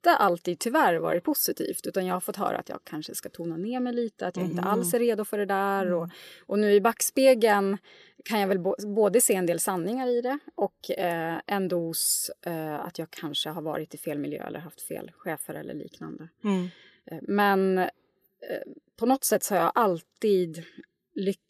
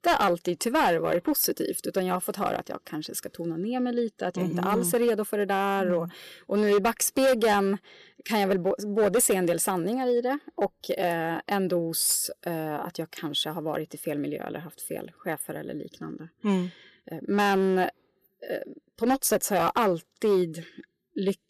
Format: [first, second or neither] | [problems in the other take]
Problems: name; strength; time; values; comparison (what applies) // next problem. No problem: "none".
first | distortion; slight; 4% of the sound clipped